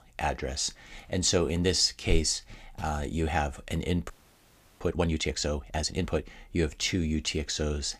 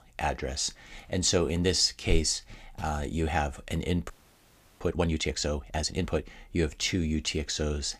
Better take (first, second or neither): neither